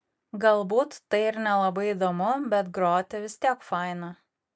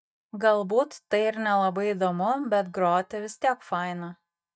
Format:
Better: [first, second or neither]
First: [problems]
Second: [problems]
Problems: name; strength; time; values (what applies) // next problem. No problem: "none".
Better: first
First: none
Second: noise reduction (neural mask model DeepFilterNet 3)